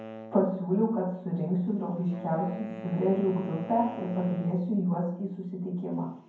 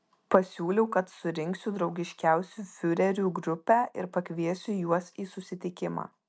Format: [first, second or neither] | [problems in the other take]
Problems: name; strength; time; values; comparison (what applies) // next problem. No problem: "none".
second | background sound (Wind instrument, woodwind instrument); 15 dB below the speech // room echo; dies away in 0.9 s